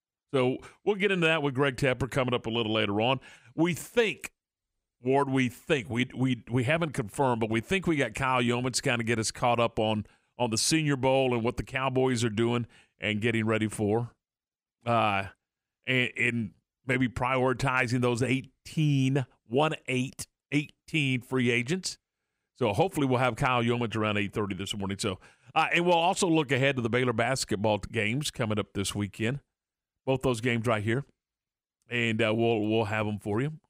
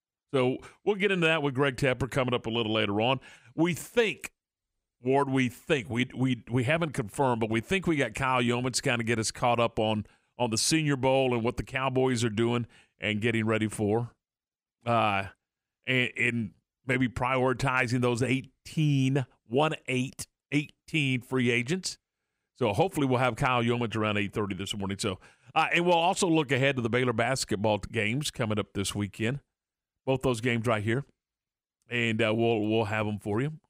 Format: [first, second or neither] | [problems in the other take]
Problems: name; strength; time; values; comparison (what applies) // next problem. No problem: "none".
neither | none